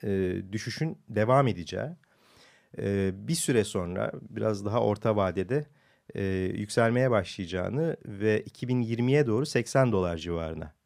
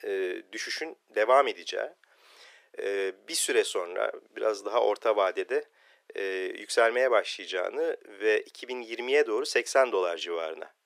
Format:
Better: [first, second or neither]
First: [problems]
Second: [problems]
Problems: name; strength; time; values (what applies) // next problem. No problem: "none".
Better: first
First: none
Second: thin; very; fading below 350 Hz